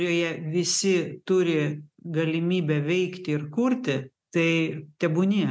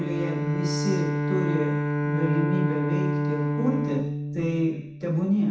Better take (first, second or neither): first